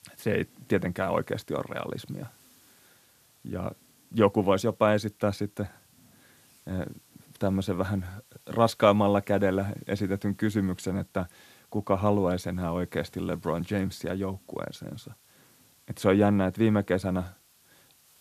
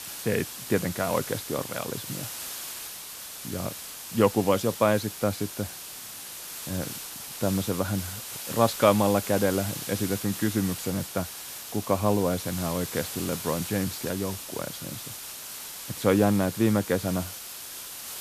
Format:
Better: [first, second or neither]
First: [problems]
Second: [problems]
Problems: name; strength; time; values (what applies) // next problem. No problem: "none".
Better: first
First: hiss; faint; throughout; 30 dB below the speech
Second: hiss; loud; throughout; 8 dB below the speech